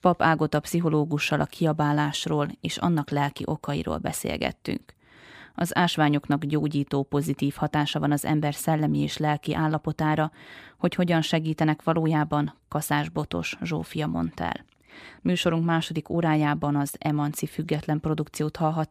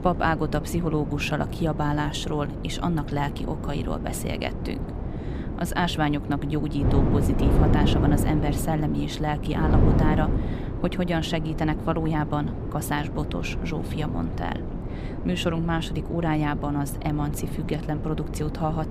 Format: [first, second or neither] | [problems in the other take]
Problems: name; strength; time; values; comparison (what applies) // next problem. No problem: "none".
first | wind noise on the microphone; heavy; 6 dB below the speech